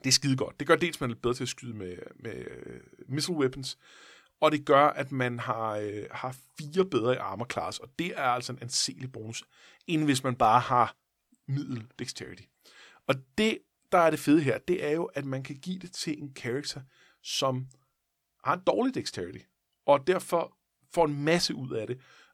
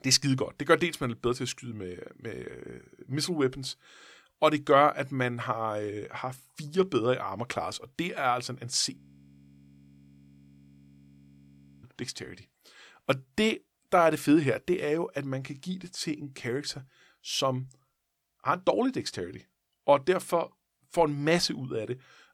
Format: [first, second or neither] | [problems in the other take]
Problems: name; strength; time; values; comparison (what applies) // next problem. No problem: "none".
first | audio freezing; at 9 s for 3 s